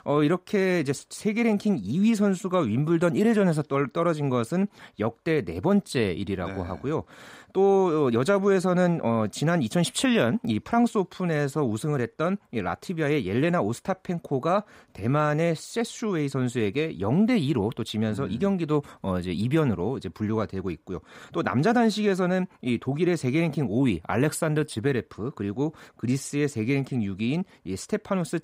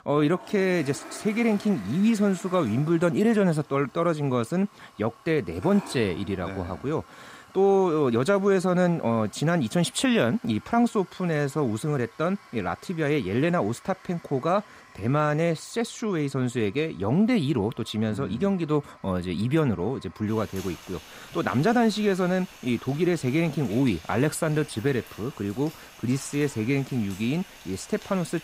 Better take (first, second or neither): first